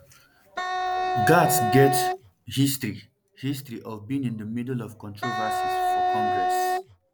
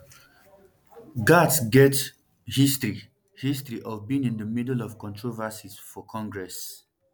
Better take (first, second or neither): second